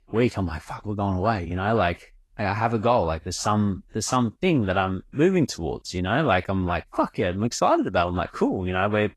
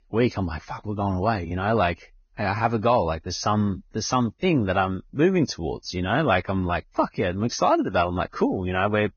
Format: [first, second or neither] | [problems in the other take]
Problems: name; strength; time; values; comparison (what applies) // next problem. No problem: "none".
first | garbled, watery; badly; nothing above 6.5 kHz; slightly in the first